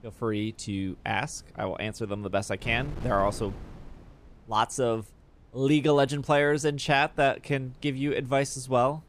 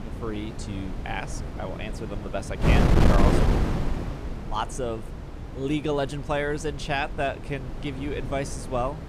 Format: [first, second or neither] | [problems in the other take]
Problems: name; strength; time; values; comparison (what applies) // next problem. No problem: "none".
first | wind noise on the microphone; heavy; 2 dB below the speech; occasional gusts in the first